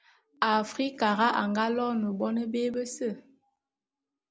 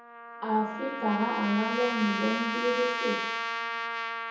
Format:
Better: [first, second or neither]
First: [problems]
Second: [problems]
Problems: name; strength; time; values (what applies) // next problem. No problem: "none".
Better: first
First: none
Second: background sound (Trumpet); 2 dB below the speech // room echo; dies away in 0.7 s